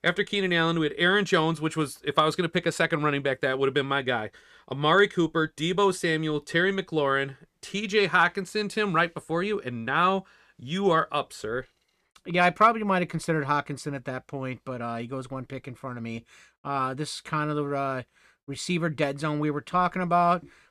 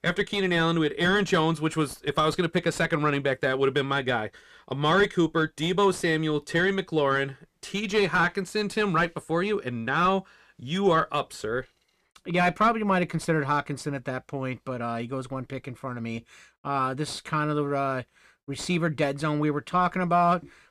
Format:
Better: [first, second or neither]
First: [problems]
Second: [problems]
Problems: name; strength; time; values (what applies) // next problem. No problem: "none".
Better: first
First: none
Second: distortion; slight; 10 dB below the speech